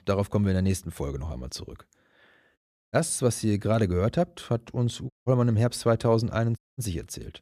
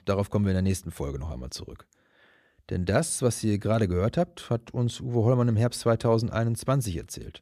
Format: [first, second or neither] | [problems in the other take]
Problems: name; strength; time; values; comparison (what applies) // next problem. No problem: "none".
second | audio cutting out; at 2.5 s, at 5 s and at 6.5 s